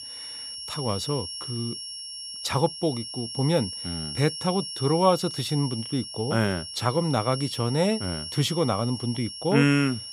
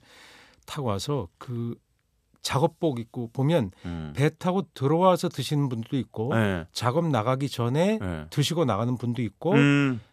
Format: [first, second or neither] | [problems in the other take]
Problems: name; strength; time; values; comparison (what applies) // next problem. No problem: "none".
second | high-pitched whine; loud; throughout; 5.5 kHz, 7 dB below the speech